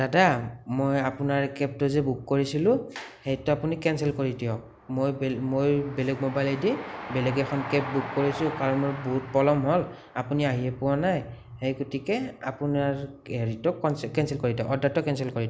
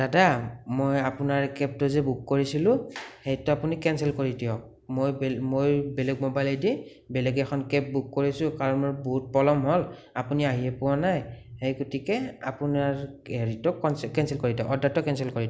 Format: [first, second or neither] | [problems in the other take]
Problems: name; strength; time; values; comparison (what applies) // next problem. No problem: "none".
second | background sound (Train); 17 dB below the speech